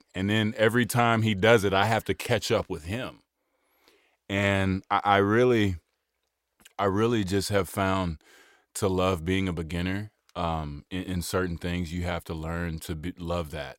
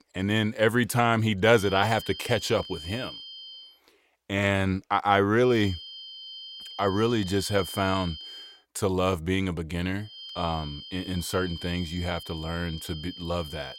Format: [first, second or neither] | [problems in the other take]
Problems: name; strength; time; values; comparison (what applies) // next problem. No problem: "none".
first | high-pitched whine; noticeable; from 1.5 to 3.5 s, from 5.5 to 8.5 s and from 10 s on; 3 kHz, 15 dB below the speech